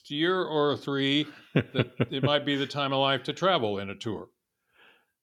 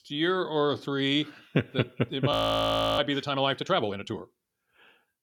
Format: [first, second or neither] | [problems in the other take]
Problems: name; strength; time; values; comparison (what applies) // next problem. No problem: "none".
first | audio freezing; at 2.5 s for 0.5 s